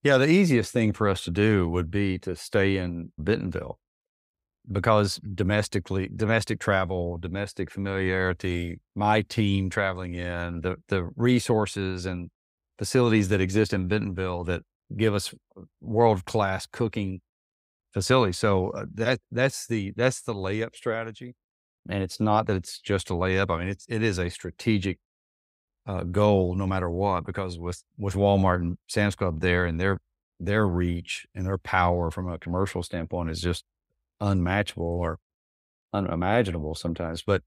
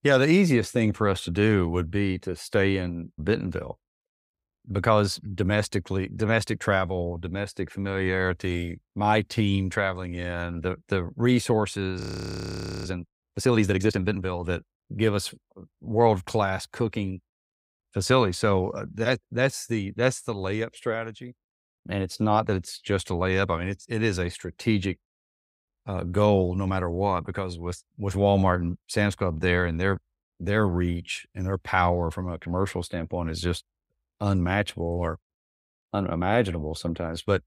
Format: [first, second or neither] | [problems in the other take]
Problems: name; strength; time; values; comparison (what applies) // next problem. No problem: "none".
first | audio freezing; at 12 s for 1 s